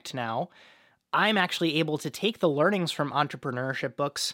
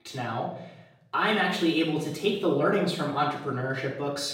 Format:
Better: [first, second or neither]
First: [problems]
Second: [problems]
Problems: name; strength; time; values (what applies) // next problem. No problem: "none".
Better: first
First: none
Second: off-mic speech; far // room echo; noticeable; dies away in 0.7 s